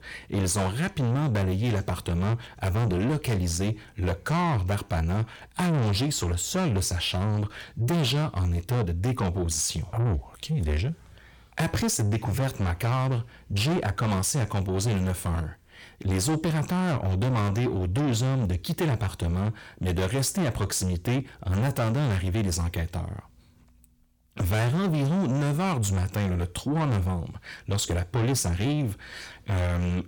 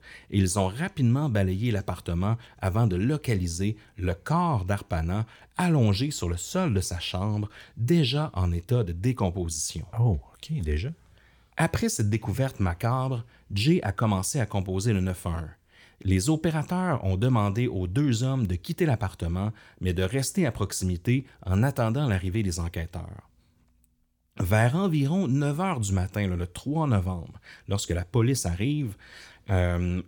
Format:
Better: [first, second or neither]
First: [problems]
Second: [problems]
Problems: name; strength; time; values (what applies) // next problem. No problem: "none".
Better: second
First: distortion; heavy; 7 dB below the speech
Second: none